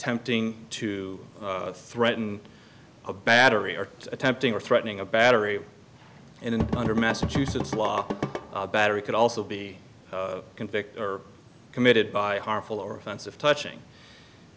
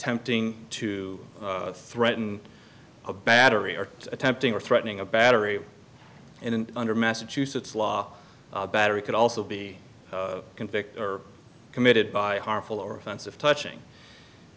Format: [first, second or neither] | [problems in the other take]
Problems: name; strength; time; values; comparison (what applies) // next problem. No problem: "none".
second | background sound (Drum / Drum kit); 3 dB below the speech